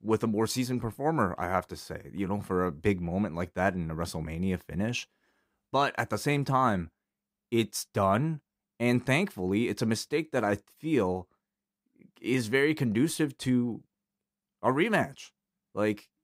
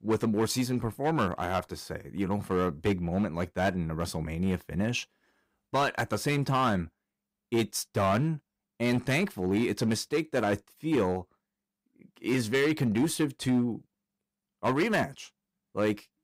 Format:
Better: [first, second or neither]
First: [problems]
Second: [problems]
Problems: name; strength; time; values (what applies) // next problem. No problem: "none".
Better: first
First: none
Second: distortion; slight; 5% of the sound clipped